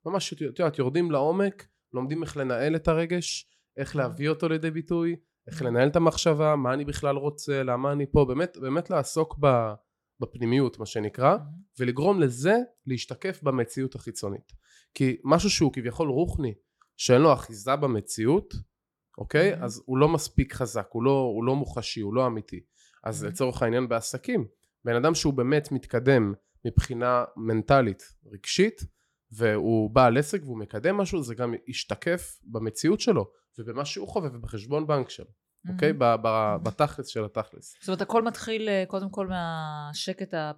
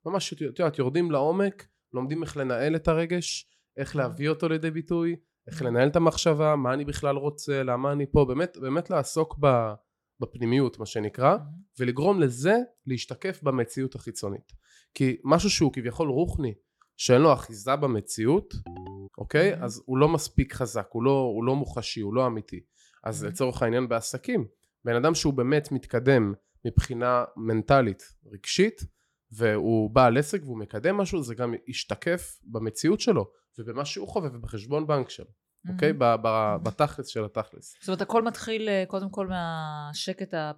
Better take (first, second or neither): first